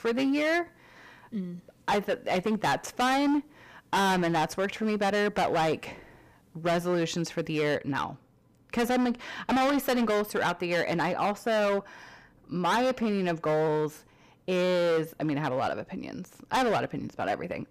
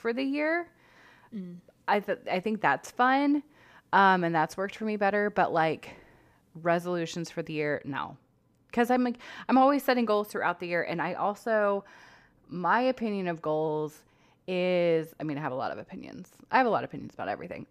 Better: second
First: distortion; heavy; 16% of the sound clipped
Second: none

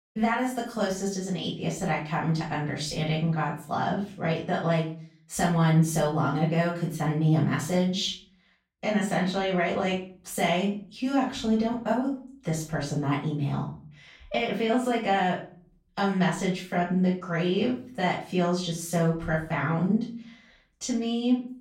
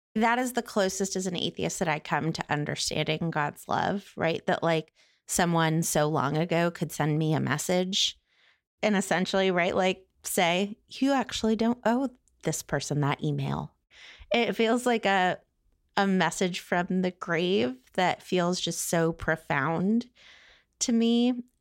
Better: second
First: off-mic speech; far // room echo; slight; dies away in 0.4 s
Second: none

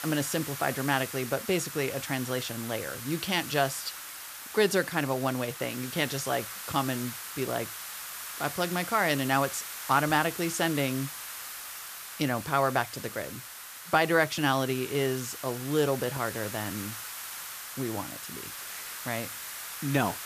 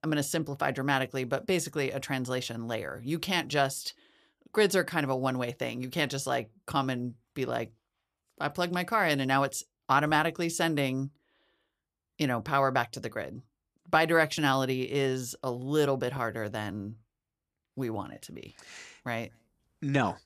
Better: second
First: hiss; loud; throughout; 8 dB below the speech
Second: none

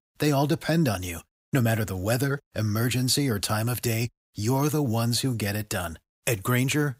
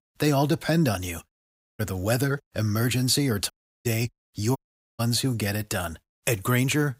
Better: first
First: none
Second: audio cutting out; at 1.5 s, at 3.5 s and at 4.5 s

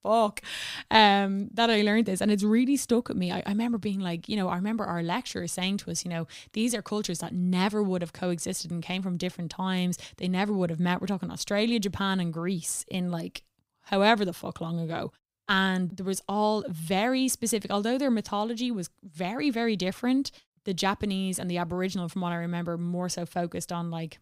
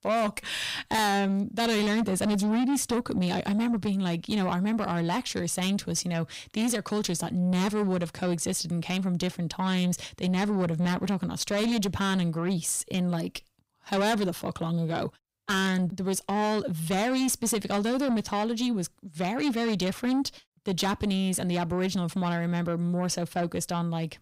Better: first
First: none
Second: distortion; heavy; 7 dB below the speech

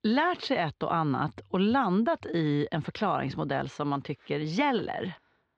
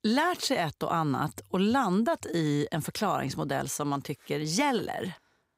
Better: second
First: muffled; slightly; fading above 4 kHz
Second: none

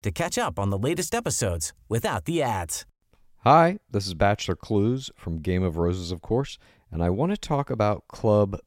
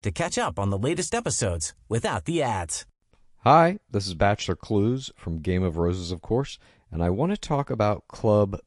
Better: first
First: none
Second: garbled, watery; slightly

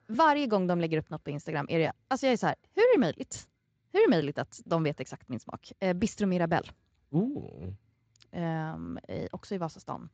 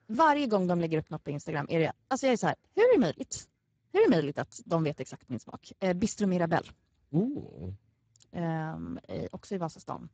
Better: first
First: garbled, watery; slightly; nothing above 7.5 kHz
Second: garbled, watery; badly; nothing above 7.5 kHz

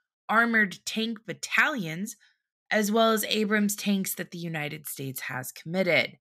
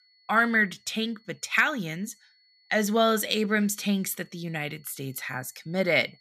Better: first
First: none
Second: high-pitched whine; faint; throughout; 4.5 kHz, 35 dB below the speech

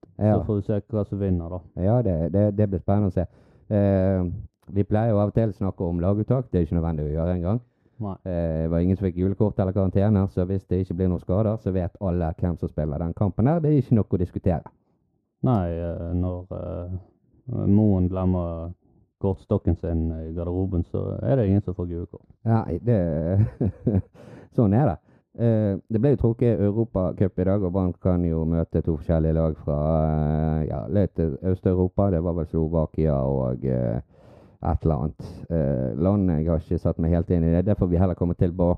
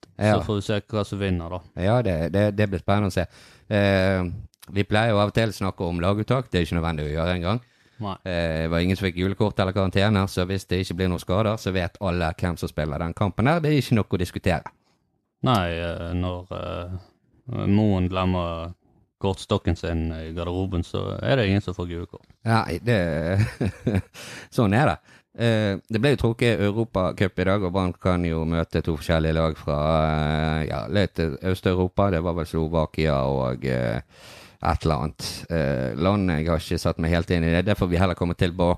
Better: second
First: muffled; very; fading above 1 kHz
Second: none

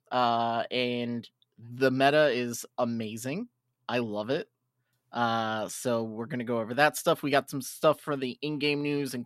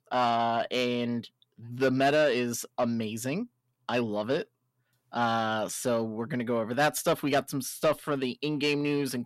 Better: first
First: none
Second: distortion; slight; 10 dB below the speech

